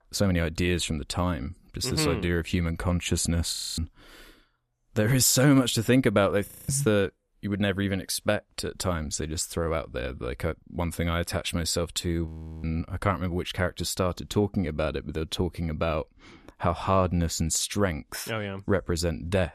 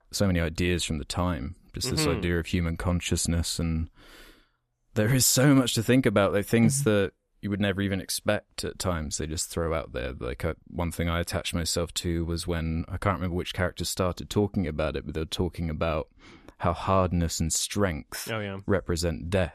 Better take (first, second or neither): second